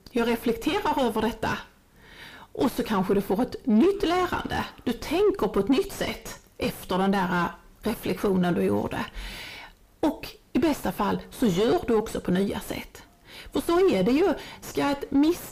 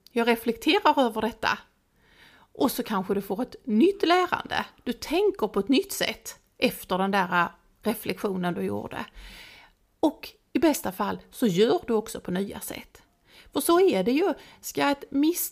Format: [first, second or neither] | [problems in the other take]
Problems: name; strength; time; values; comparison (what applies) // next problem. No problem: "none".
second | distortion; heavy; 4 dB below the speech